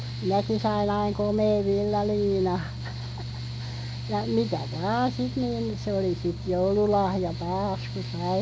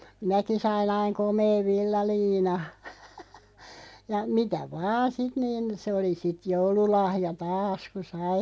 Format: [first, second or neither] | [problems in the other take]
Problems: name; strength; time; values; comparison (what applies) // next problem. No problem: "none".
second | background sound (Mechanical fan); 7 dB below the speech